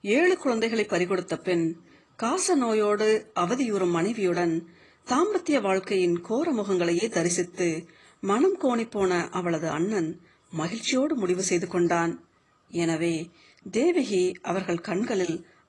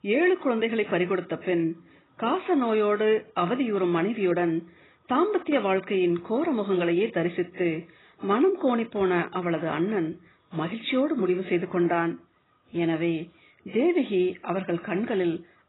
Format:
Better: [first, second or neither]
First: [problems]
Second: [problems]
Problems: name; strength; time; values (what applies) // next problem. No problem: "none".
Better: first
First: garbled, watery; slightly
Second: garbled, watery; badly; nothing above 4 kHz